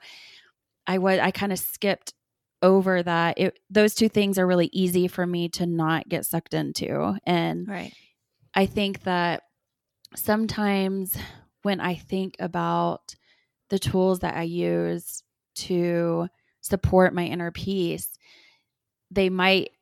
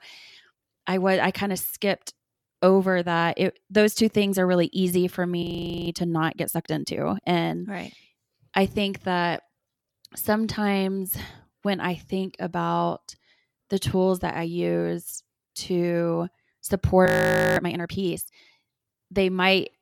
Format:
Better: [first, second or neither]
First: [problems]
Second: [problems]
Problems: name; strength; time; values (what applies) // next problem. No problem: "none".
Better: first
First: none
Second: audio freezing; at 5.5 s and at 17 s for 0.5 s